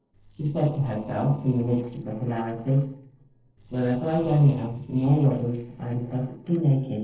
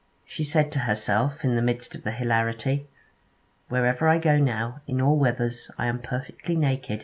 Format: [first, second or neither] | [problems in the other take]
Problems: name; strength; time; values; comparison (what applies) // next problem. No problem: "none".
second | noise reduction (neural separator model SepFormer DNS4)